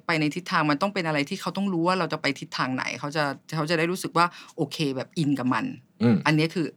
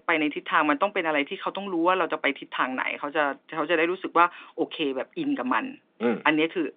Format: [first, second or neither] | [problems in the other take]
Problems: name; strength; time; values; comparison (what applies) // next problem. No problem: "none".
first | phone-call audio